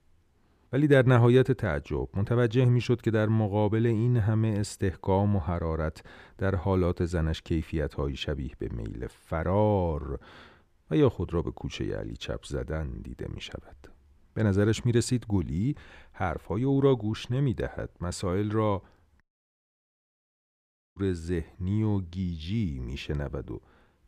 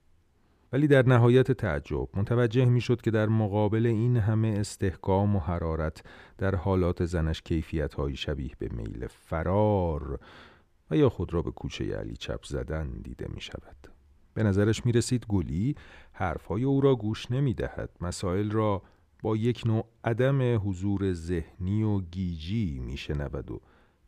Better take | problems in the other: second | audio cutting out; at 19 s for 1.5 s

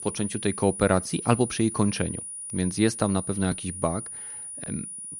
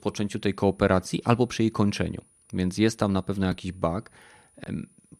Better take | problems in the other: second | high-pitched whine; loud; throughout; 9.5 kHz, 8 dB below the speech; faint in the second

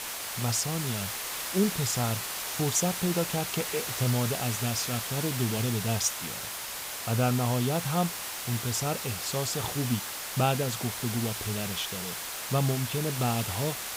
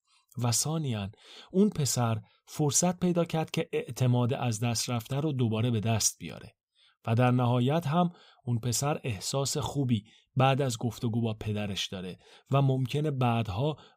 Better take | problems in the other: second | hiss; loud; throughout; 3 dB below the speech

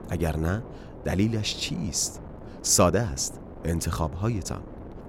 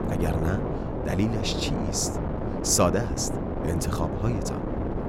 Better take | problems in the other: first | wind noise on the microphone; heavy; 4 dB below the speech; occasional gusts in the first

